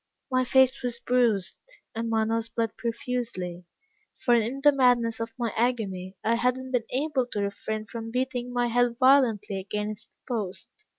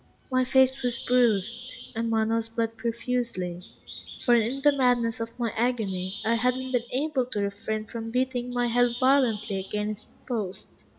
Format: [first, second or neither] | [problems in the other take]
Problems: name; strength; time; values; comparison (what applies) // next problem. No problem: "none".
first | background sound (Bird); 17 dB below the speech // room echo; dies away in 0.5 s